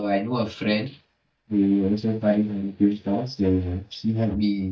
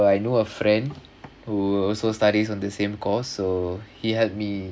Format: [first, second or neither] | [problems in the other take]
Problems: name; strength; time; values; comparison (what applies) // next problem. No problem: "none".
second | noise reduction (neural mask model DeepFilterNet 3)